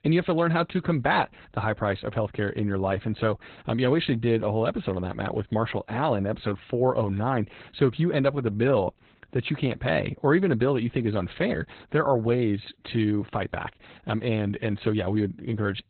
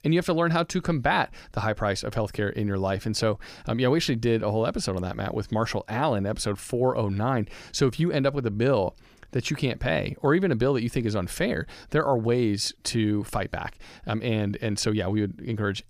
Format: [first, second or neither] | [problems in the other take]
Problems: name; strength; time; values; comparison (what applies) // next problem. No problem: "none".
second | garbled, watery; badly; nothing above 4 kHz